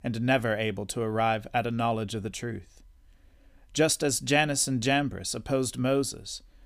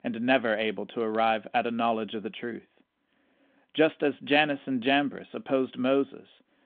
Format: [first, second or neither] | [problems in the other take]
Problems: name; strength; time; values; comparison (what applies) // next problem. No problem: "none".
first | phone-call audio